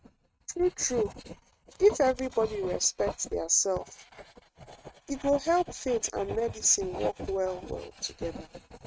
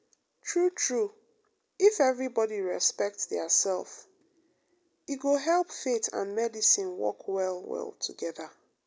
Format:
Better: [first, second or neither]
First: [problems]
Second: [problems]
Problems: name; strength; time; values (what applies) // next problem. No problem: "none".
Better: second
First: noise reduction (neural mask model RNNoise)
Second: none